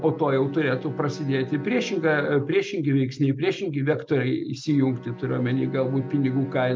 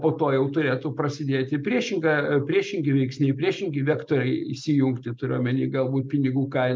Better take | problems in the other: second | background sound (Bowed string instrument); 16 dB below the speech

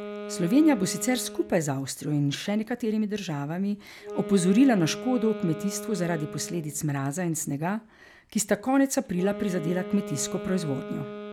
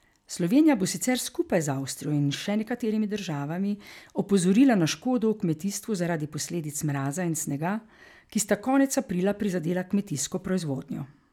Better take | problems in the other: second | background sound (Wind instrument, woodwind instrument); 12 dB below the speech

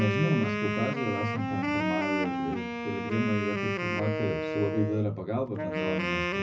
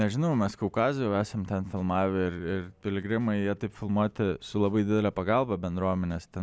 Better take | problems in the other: second | background sound (Wind instrument, woodwind instrument); as loud as the speech // room echo; dies away in 0.4 s

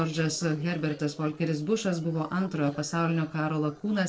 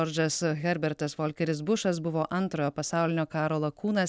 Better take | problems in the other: second | noise reduction (neural separator model SepFormer DNS4)

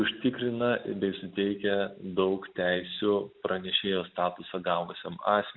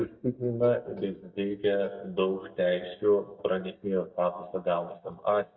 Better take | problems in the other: first | noise reduction (neural mask model DeepFilterNet 3)

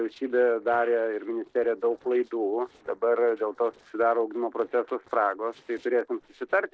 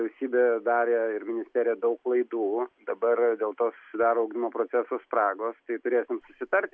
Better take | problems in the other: second | noise reduction (neural separator model SepFormer DNS4)

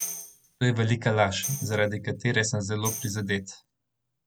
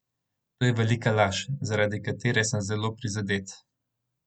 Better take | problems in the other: second | background sound (Tambourine); 13 dB below the speech

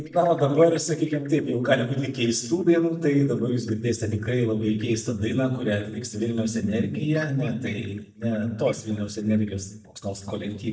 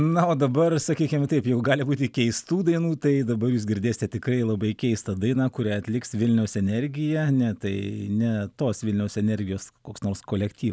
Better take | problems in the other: second | noise reduction (neural mask model DeepFilterNet 3)

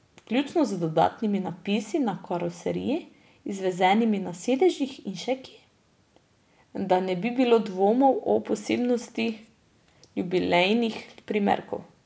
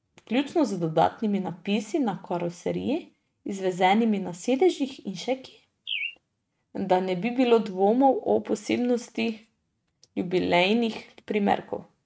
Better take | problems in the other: first | noise reduction (neural mask model RNNoise)

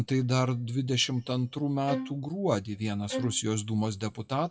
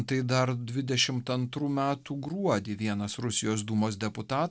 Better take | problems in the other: second | noise reduction (classical method WPE with log-MMSE)

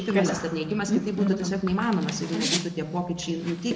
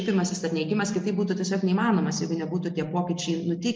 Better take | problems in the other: second | background sound (Bicycle); 3 dB below the speech

